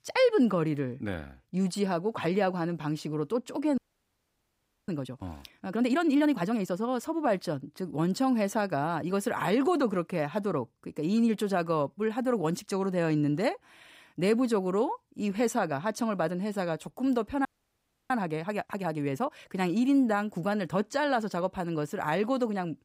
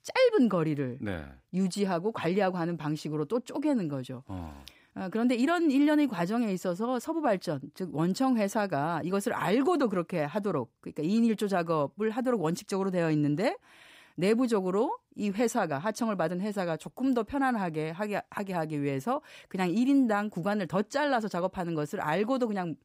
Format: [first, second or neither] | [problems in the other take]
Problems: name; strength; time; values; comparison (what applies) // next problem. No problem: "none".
second | audio freezing; at 4 s for 1 s and at 17 s for 0.5 s